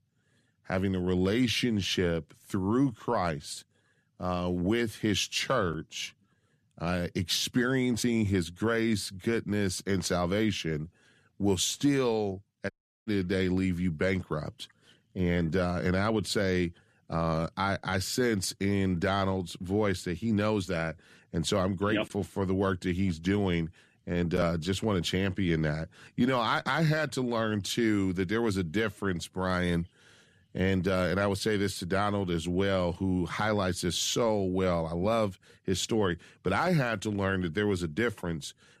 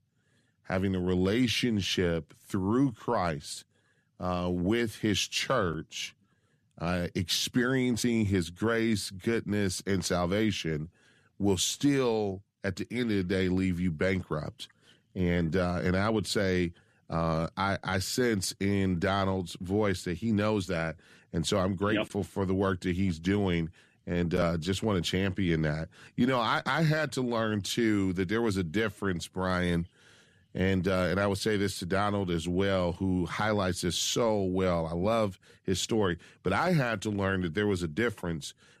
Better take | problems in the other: second | audio cutting out; at 13 s

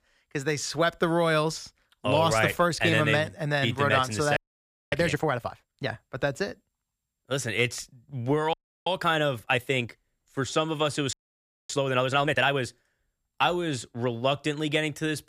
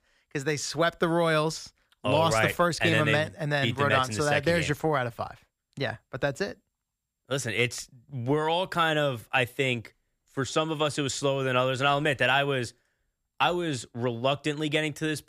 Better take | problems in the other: second | audio freezing; at 4.5 s for 0.5 s, at 8.5 s and at 11 s for 0.5 s

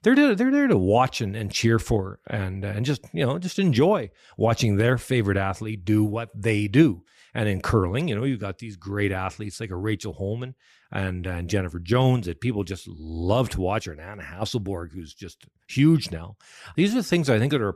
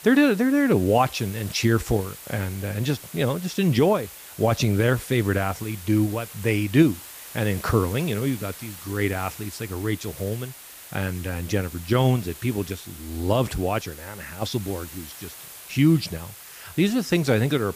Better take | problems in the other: first | hiss; noticeable; throughout; 15 dB below the speech

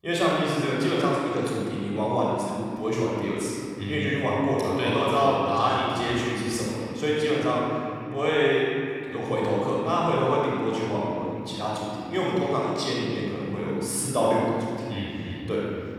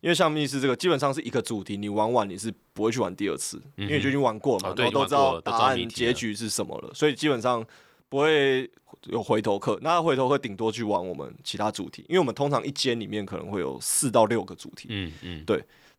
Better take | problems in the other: second | off-mic speech; far // room echo; strong; dies away in 2.9 s

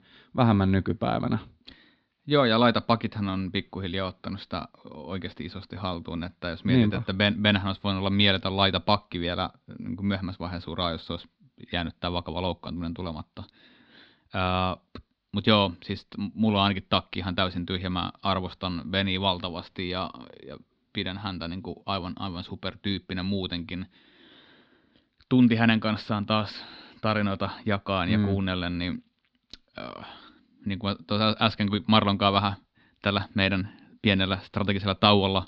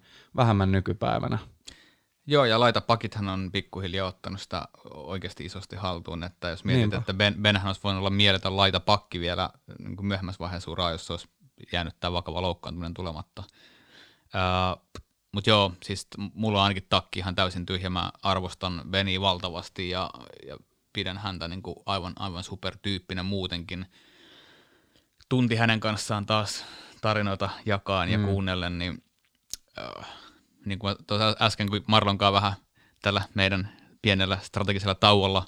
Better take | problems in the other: second | muffled; very slightly; fading above 4 kHz

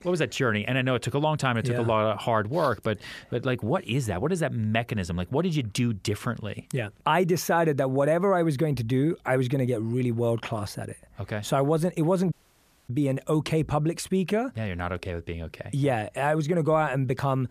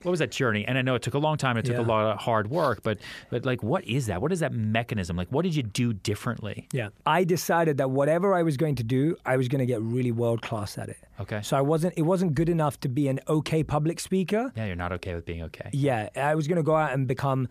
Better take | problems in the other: second | audio cutting out; at 12 s for 0.5 s

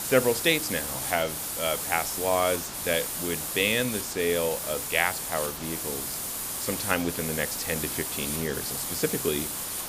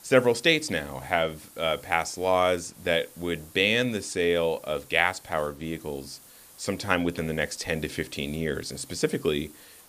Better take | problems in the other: second | hiss; loud; throughout; 2 dB below the speech; faint in the second

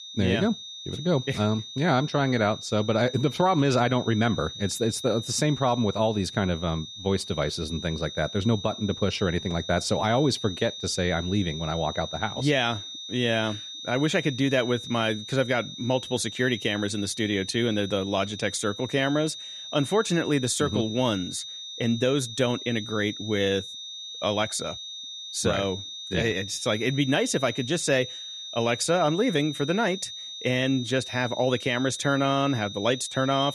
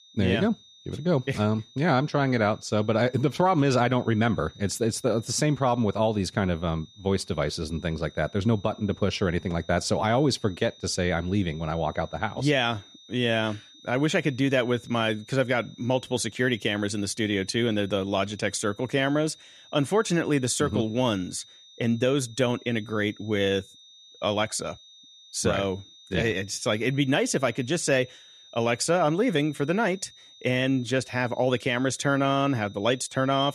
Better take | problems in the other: second | high-pitched whine; loud; throughout; 3.5 kHz, 10 dB below the speech; faint in the second

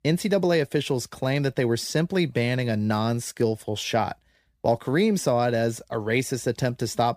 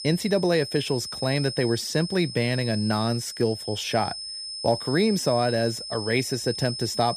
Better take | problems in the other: first | high-pitched whine; loud; throughout; 5 kHz, 7 dB below the speech

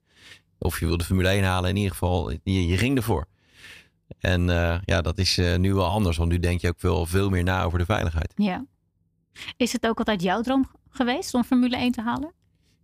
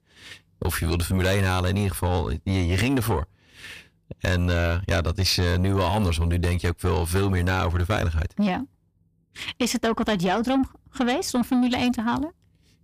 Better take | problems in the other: first | distortion; slight; 10 dB below the speech

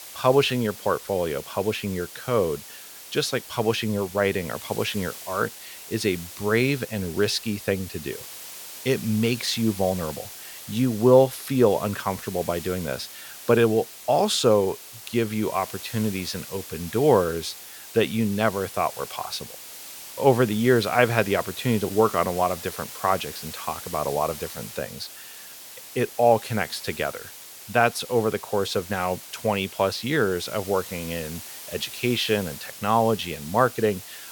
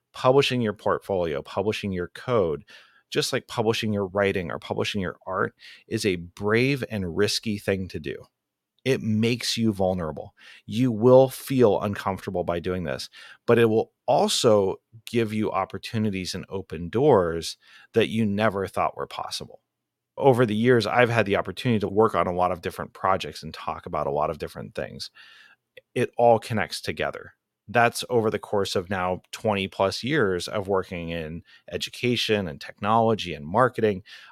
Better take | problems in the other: second | hiss; noticeable; throughout; 15 dB below the speech

